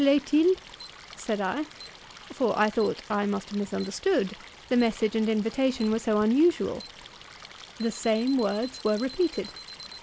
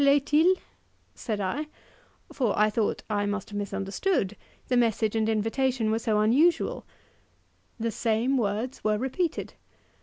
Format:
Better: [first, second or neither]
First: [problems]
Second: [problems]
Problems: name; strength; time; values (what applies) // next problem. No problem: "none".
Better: second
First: background sound (Stream + Alarm); 18 dB below the speech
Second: none